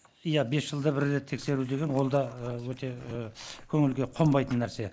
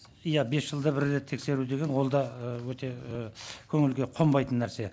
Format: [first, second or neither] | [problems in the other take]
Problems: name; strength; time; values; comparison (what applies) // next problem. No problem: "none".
second | noise reduction (neural mask model Resemble Enhance denoiser)